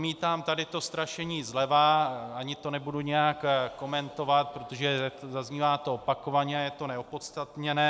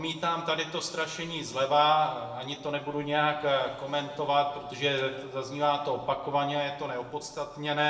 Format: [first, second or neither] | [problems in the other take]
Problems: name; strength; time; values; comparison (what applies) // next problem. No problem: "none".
first | room echo; dies away in 0.9 s